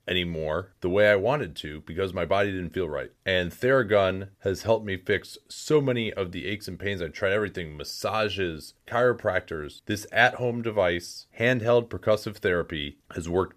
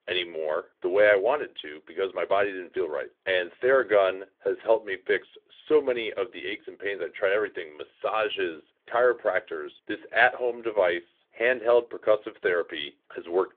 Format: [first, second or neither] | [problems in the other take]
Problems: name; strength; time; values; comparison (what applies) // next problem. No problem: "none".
first | phone-call audio; nothing above 3.5 kHz